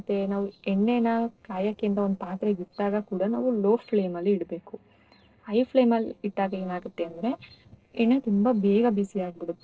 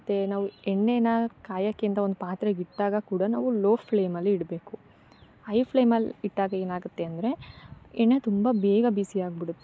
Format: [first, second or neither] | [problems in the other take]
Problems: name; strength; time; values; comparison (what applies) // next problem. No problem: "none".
second | noise reduction (neural separator model SepFormer DNS4)